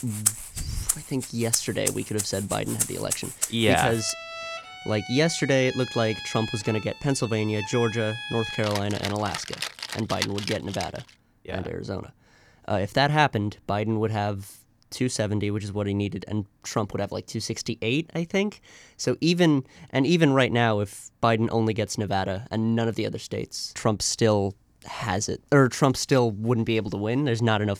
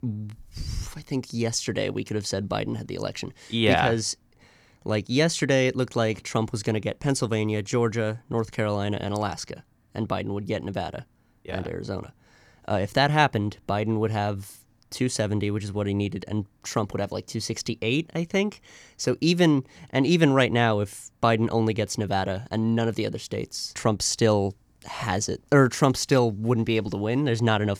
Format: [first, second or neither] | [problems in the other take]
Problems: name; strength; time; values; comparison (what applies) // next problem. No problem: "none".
second | background music; loud; until 11 s; 6 dB below the speech